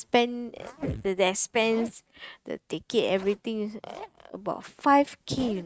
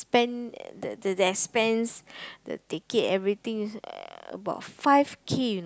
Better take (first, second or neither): second